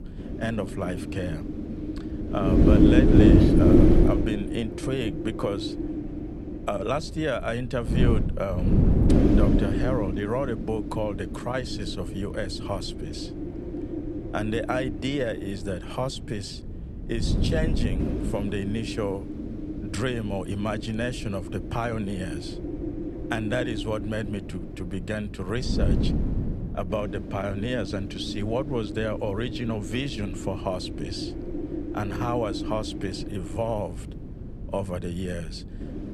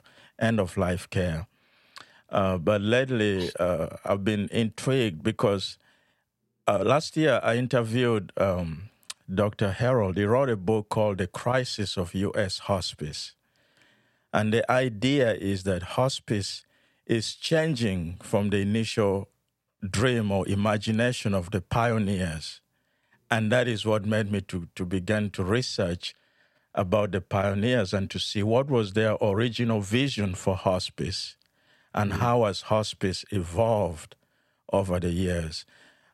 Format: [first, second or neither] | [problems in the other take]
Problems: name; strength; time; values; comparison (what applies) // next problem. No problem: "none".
second | wind noise on the microphone; heavy; 1 dB below the speech